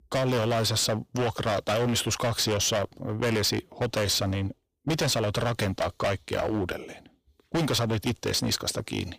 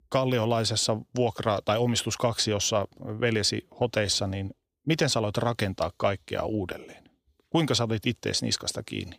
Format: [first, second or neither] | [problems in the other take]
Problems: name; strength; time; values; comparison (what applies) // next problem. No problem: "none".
second | distortion; heavy; 19% of the sound clipped